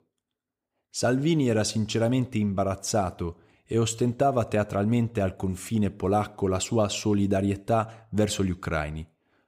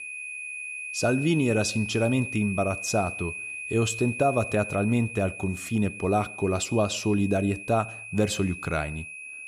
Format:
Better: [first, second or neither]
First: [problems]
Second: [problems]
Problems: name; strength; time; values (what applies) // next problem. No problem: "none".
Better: first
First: none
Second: high-pitched whine; loud; throughout; 2.5 kHz, 8 dB below the speech